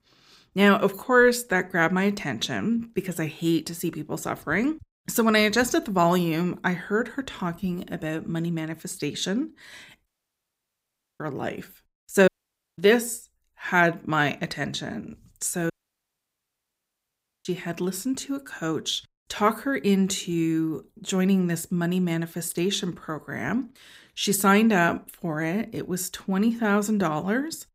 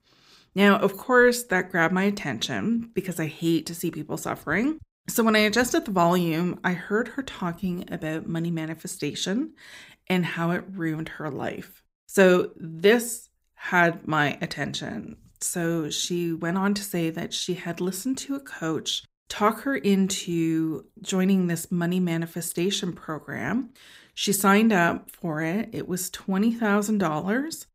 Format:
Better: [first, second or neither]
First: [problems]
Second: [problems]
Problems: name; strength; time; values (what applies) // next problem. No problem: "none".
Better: second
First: audio cutting out; at 10 s for 1 s, at 12 s for 0.5 s and at 16 s for 2 s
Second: none